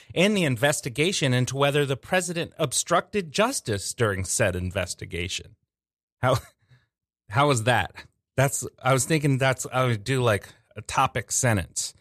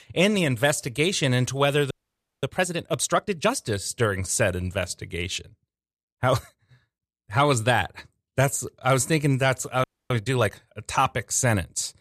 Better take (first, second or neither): first